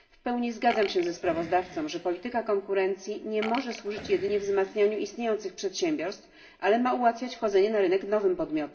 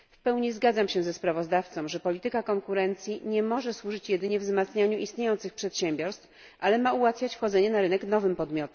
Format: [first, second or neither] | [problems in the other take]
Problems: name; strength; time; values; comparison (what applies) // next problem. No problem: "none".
second | background sound (Burping, eructation); 15 dB below the speech // room echo; dies away in 0.4 s